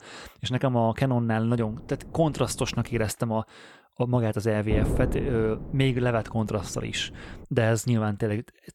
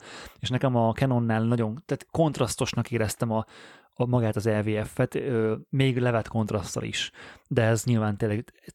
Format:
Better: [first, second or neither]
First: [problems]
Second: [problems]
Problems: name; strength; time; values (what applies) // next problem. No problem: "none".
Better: second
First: wind noise on the microphone; occasional gusts; from 1.5 to 3 s and from 4.5 to 7.5 s; 15 dB below the speech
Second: none